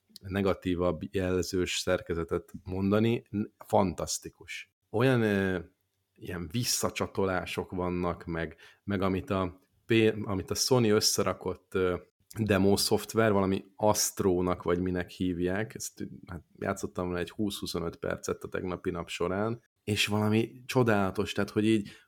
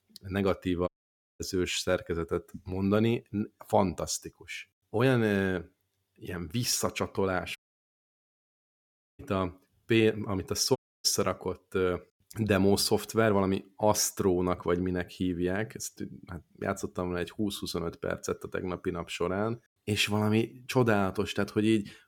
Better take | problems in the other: first | audio cutting out; at 1 s for 0.5 s, at 7.5 s for 1.5 s and at 11 s

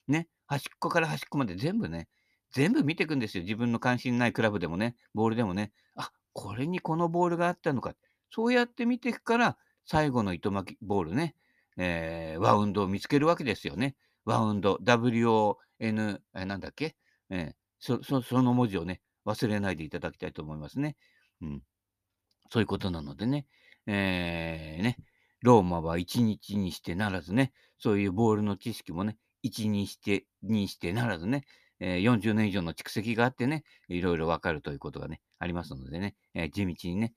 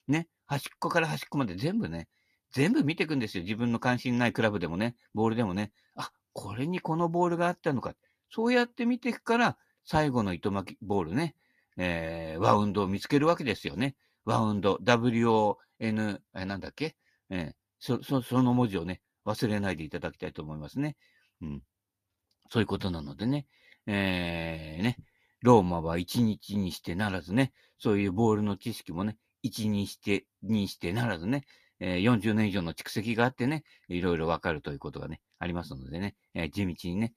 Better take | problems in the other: first | garbled, watery; slightly; nothing above 14.5 kHz

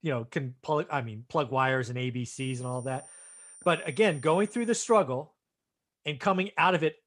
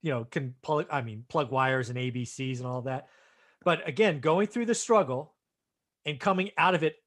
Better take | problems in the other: second | high-pitched whine; noticeable; from 2.5 to 5 s; 9 kHz, 20 dB below the speech

